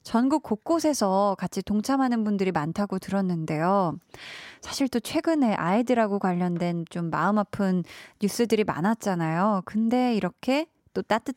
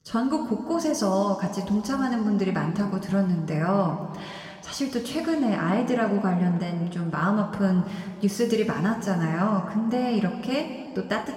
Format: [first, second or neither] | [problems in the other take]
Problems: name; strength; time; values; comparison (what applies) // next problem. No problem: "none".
first | room echo; slight; dies away in 1.8 s // off-mic speech; somewhat distant